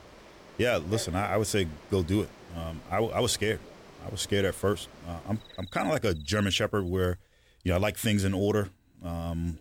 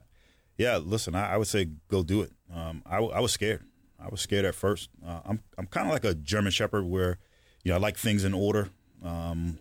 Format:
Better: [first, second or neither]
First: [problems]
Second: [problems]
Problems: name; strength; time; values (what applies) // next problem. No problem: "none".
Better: second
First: animal sounds; noticeable; until 6.5 s; 20 dB below the speech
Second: none